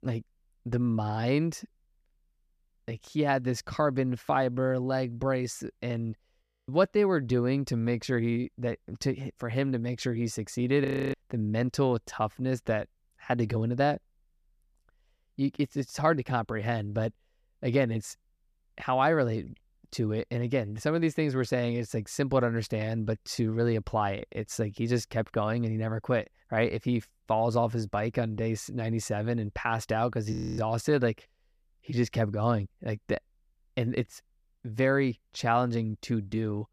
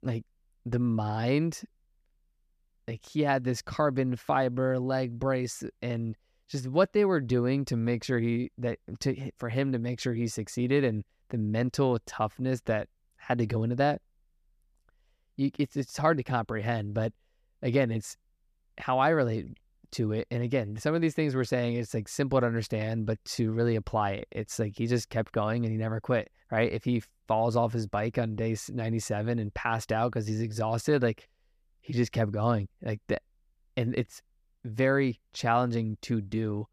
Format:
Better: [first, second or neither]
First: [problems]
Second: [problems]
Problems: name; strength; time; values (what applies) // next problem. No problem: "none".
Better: second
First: audio freezing; at 6.5 s, at 11 s and at 30 s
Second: none